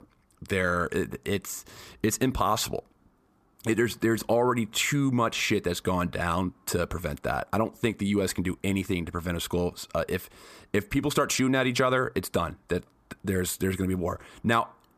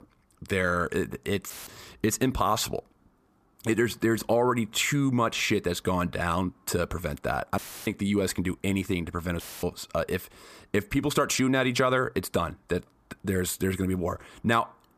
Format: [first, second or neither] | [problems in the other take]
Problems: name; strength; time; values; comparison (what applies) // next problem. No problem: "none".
first | audio cutting out; filled with static; at 1.5 s, at 7.5 s and at 9.5 s